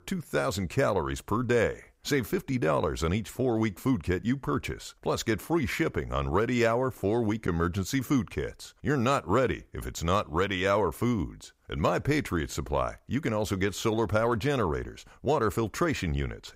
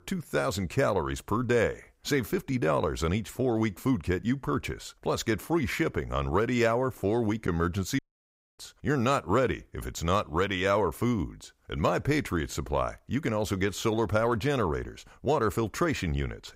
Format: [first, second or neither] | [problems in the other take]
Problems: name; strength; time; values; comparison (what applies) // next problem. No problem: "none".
first | audio cutting out; at 8 s for 0.5 s